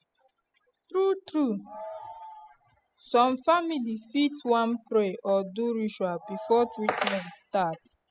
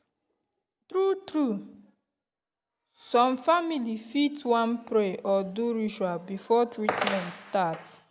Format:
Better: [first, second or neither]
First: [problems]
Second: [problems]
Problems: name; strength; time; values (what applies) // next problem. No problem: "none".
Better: second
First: noise reduction (classical method spectral subtraction)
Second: none